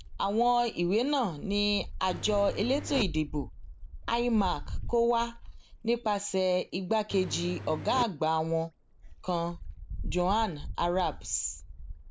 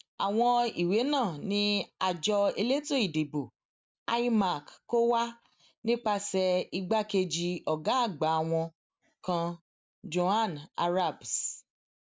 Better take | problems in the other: second | background sound (Wind + Engine); 10 dB below the speech

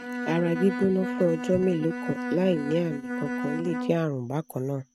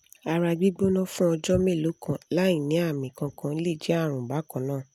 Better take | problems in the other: second | noise reduction (neural mask model RNNoise)

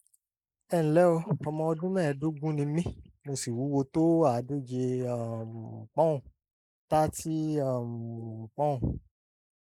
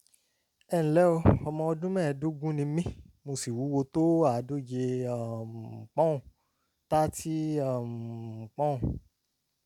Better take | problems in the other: second | noise reduction (neural mask model Resemble Enhance denoiser)

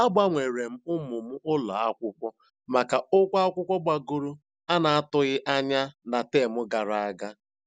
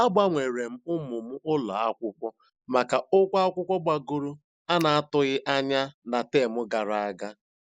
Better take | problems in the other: first | noise reduction (neural mask model Resemble Enhance denoiser)

